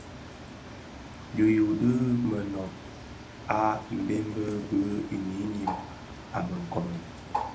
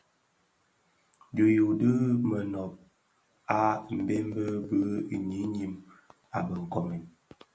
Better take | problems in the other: second | background sound (Bird); 11 dB below the speech

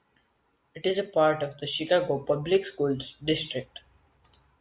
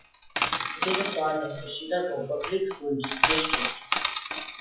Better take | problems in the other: first | noise reduction (classical method WPE with log-MMSE)

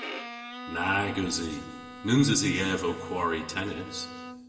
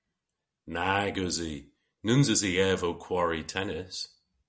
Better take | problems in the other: second | background sound (Bowed string instrument); 12 dB below the speech // room echo; dies away in 1.3 s

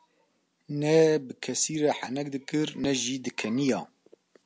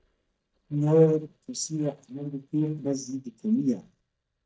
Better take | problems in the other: first | noise reduction (neural mask model DeepFilterNet 3)

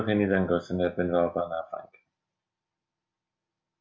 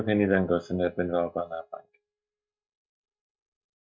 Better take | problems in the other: first | noise reduction (neural mask model DeepFilterNet 3)

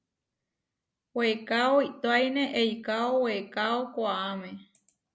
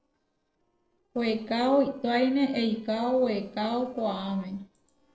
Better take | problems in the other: first | noise reduction (neural separator model SepFormer DNS4)

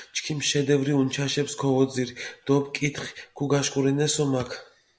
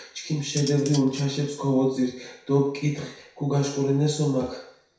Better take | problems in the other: first | background sound (Cutlery, silverware); 14 dB below the speech // room echo; dies away in 0.6 s

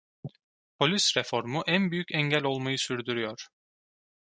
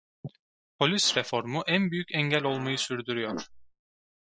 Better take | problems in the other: first | noise reduction (classical method Wiener filter)

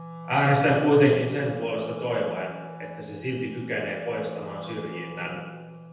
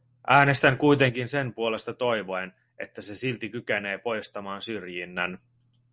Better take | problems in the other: second | background sound (Wind instrument, woodwind instrument); 14 dB below the speech // room echo; dies away in 1.1 s

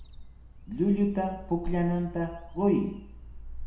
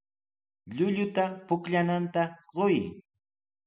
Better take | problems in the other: second | background sound (Bird vocalization, bird call, bird song); 10 dB below the speech // room echo; dies away in 0.6 s

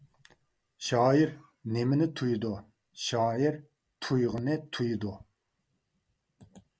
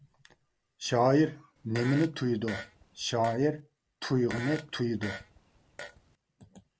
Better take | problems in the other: first | background sound (Fart); 13 dB below the speech

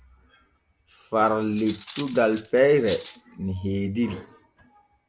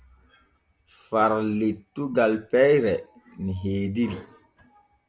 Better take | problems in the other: second | background sound (Cutlery, silverware); 18 dB below the speech

